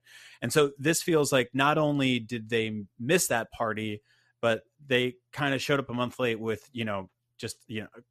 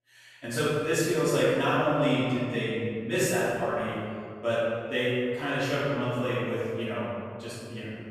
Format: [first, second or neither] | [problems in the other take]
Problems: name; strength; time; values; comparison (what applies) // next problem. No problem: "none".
first | off-mic speech; far // room echo; strong; dies away in 2 s